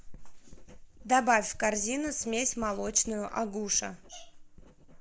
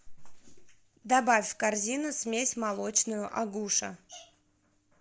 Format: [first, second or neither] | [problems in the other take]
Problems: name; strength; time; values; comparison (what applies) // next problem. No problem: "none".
second | background sound (Writing); 16 dB below the speech